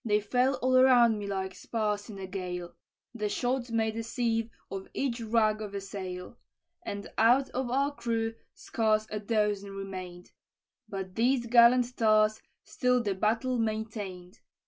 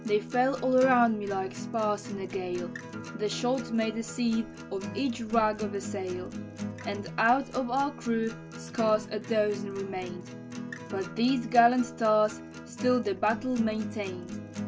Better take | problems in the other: first | background sound (Acoustic guitar); 10 dB below the speech

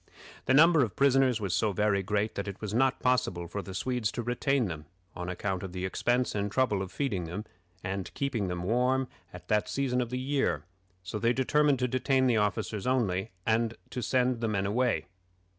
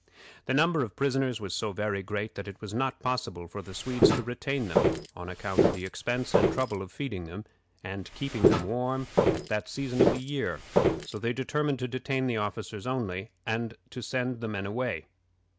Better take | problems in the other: first | background sound (Walk, footsteps); 4 dB above the speech

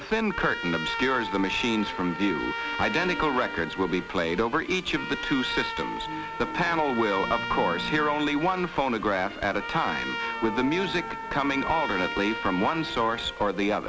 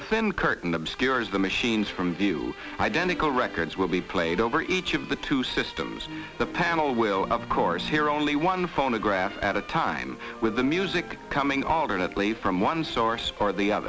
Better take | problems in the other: second | background sound (Trumpet); 8 dB below the speech

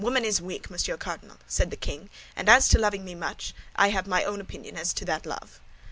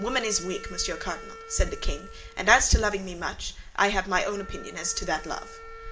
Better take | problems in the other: first | background sound (Wind instrument, woodwind instrument); 18 dB below the speech // room echo; dies away in 1.4 s

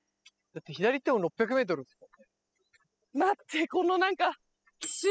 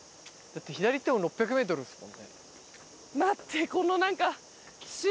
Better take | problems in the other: second | noise reduction (classical method spectral subtraction)

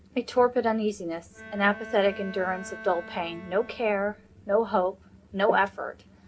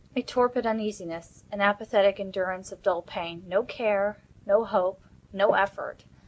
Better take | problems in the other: second | background sound (Bowed string instrument); 17 dB below the speech // room echo; dies away in 0.3 s

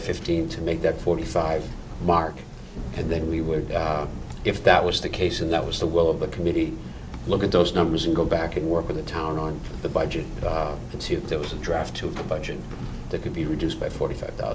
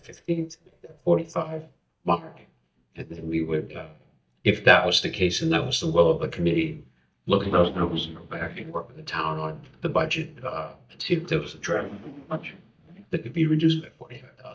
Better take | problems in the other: first | noise reduction (neural mask model DeepFilterNet 3)

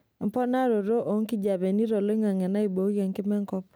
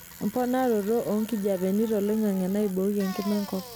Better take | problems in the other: first | background sound (Bicycle); 17 dB below the speech

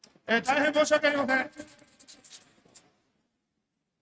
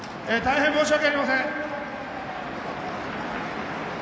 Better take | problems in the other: second | noise reduction (neural mask model RNNoise)

